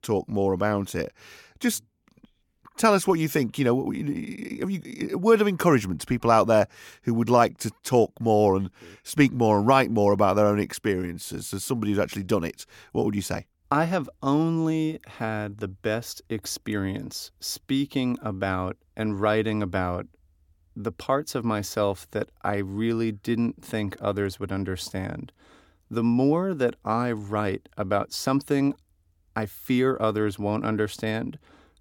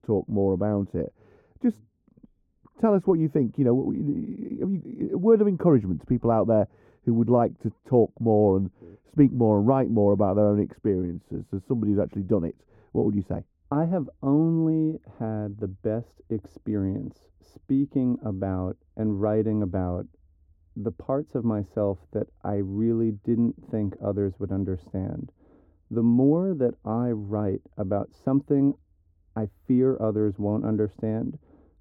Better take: first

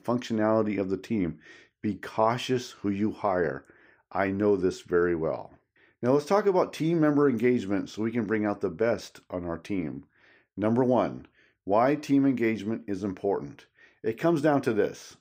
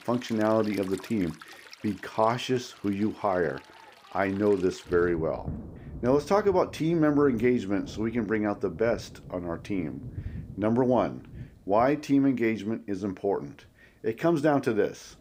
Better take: first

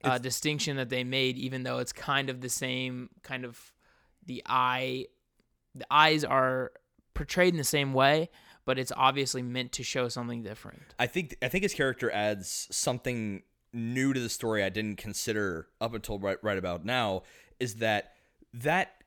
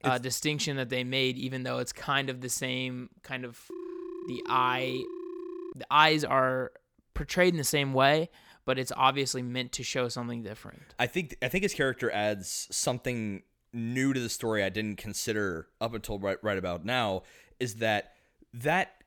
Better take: first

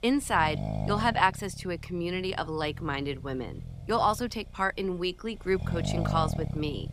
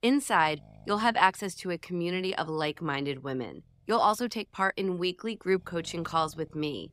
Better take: second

